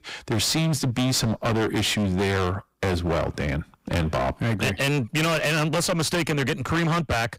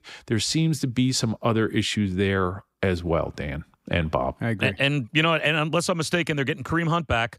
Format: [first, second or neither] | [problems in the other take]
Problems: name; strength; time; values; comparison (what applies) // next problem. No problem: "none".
second | distortion; heavy; 32% of the sound clipped